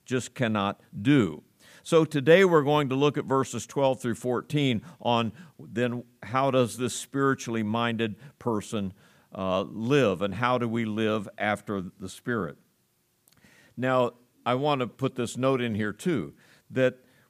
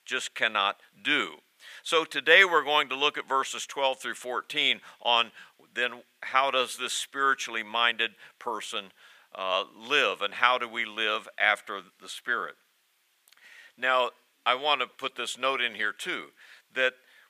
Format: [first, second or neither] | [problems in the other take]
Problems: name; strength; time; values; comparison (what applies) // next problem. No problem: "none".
first | thin; very; fading below 650 Hz